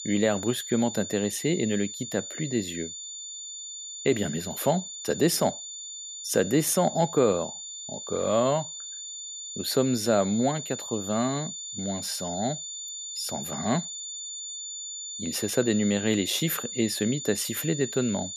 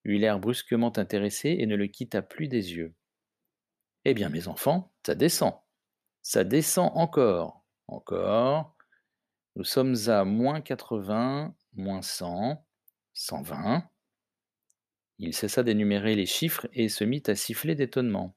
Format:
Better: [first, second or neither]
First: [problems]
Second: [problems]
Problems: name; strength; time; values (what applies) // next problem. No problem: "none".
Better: second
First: high-pitched whine; loud; throughout; 7 kHz, 8 dB below the speech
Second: none